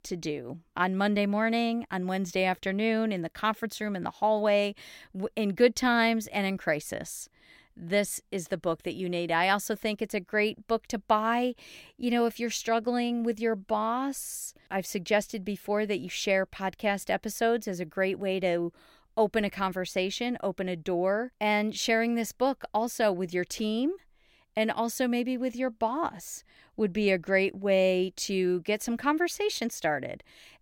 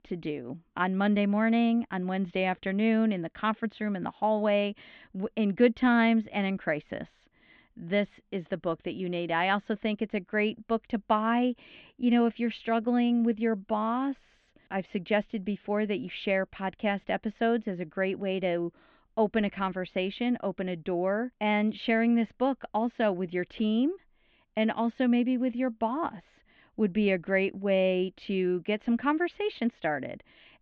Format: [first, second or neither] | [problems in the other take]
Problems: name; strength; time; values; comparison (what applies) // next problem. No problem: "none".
first | muffled; very; fading above 3.5 kHz